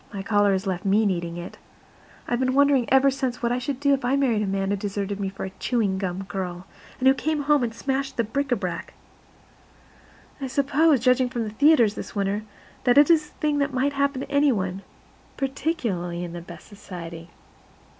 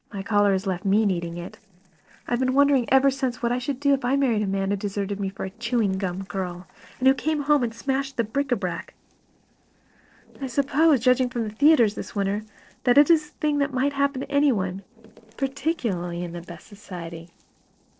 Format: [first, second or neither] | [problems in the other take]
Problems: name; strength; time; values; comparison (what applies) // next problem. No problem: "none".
first | noise reduction (neural separator model SepFormer DNS4)